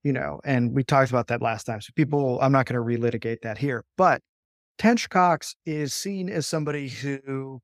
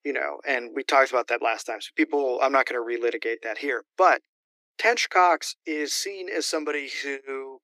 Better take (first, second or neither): first